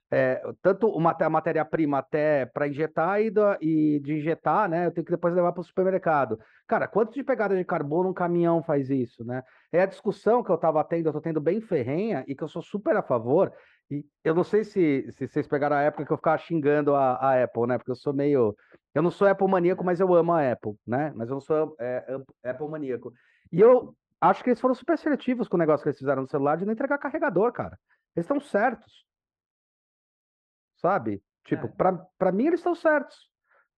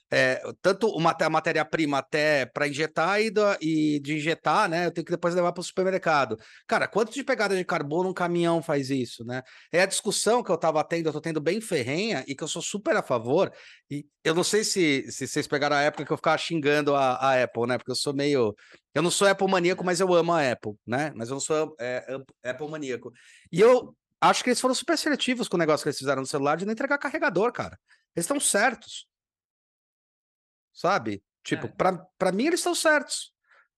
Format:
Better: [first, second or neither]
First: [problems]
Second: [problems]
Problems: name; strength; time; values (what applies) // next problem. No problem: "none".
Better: second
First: muffled; very; fading above 3.5 kHz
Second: none